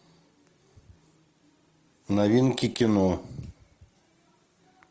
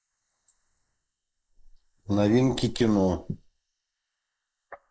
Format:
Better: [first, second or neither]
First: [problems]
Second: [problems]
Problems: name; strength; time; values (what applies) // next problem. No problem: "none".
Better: first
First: none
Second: noise reduction (neural mask model Resemble Enhance denoiser)